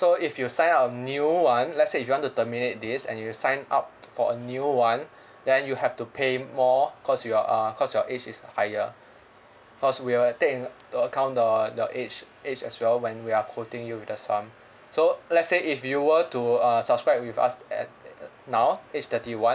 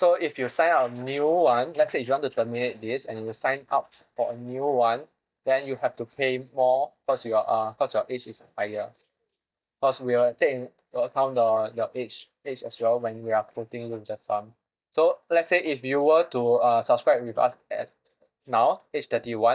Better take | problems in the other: first | noise reduction (neural mask model DeepFilterNet 3)

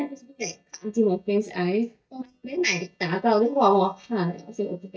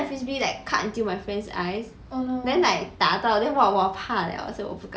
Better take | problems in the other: second | noise reduction (neural mask model DeepFilterNet 3)

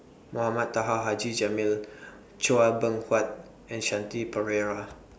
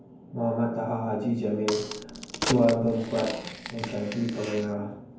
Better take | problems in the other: first | background sound (Crack); 9 dB below the speech // room echo; dies away in 0.9 s

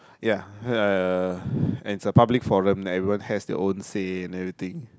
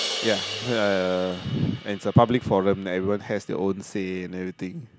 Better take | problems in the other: first | background sound (Crash cymbal); 12 dB below the speech

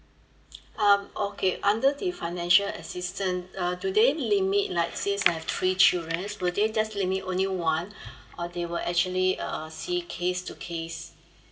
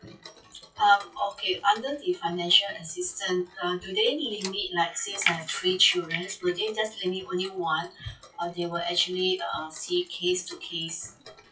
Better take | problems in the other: first | noise reduction (classical method WPE with log-MMSE)

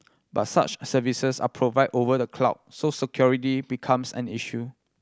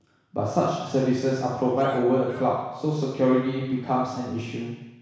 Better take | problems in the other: first | background sound (Cheering); 17 dB below the speech // room echo; dies away in 1.1 s

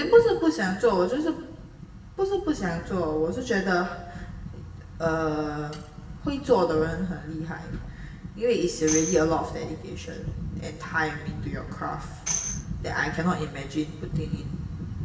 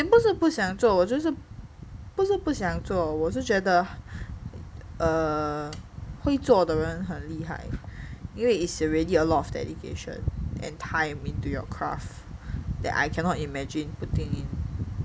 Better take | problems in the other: second | background sound (Tambourine); 8 dB below the speech // room echo; dies away in 1.1 s

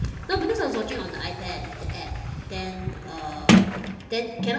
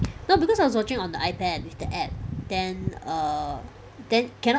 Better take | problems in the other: second | background sound (Sliding door); 3 dB above the speech // room echo; dies away in 1.4 s

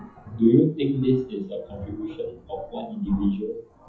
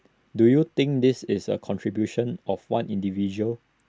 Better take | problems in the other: second | noise reduction (classical method WPE with log-MMSE)

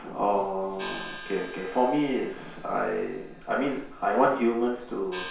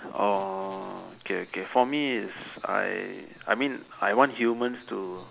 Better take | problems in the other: second | background sound (Gong); 16 dB below the speech // room echo; dies away in 0.6 s

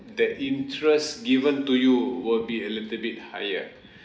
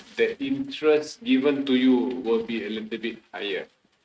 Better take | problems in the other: first | noise reduction (neural mask model RNNoise)

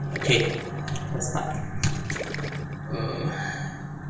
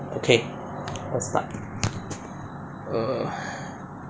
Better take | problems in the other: second | background sound (Gurgling); 11 dB below the speech // room echo; dies away in 0.8 s

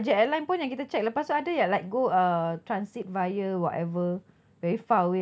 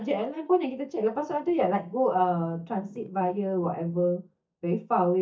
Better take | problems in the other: first | noise reduction (neural mask model DeepFilterNet 3)

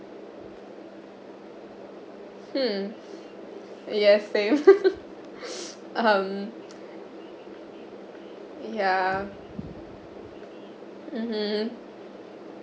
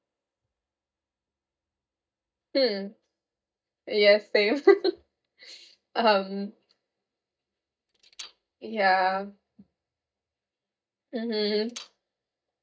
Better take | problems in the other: first | noise reduction (neural mask model DeepFilterNet 3)

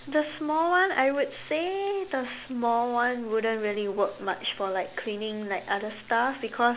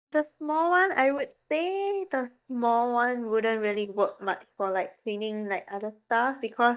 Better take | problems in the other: first | noise reduction (neural mask model DeepFilterNet 3)

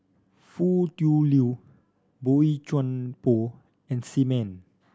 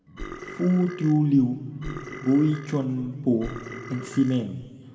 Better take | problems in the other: first | background sound (Burping, eructation); 15 dB below the speech // room echo; dies away in 2.1 s

